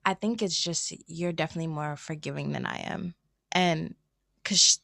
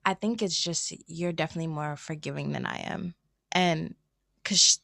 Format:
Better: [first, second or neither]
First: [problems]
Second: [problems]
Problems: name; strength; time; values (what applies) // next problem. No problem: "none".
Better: neither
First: none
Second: none